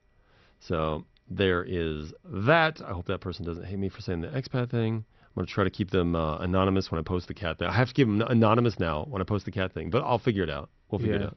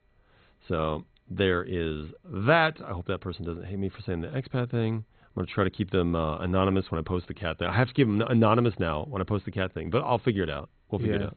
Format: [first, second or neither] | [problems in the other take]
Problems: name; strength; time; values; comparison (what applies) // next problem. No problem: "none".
first | garbled, watery; badly; nothing above 4 kHz; slightly in the first